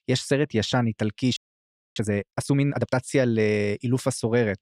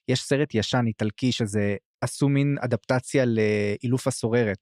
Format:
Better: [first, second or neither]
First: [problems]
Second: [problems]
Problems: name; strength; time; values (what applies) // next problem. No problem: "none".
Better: second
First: audio freezing; at 1.5 s for 0.5 s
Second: none